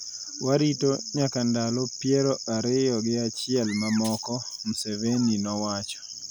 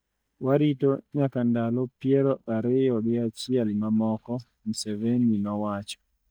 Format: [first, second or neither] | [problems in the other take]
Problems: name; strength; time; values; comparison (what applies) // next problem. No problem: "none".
first | noise reduction (neural mask model DeepFilterNet 3)